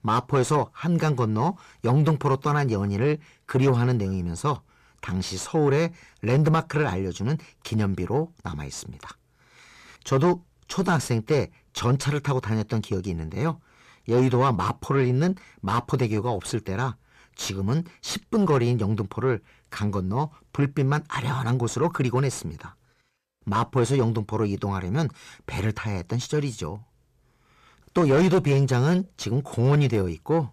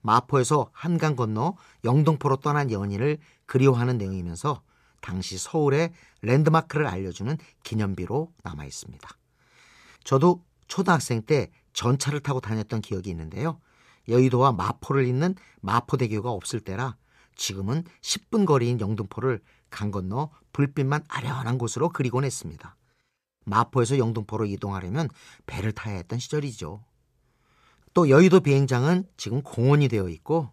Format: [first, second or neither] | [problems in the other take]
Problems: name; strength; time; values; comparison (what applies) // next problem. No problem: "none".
second | distortion; slight; 10 dB below the speech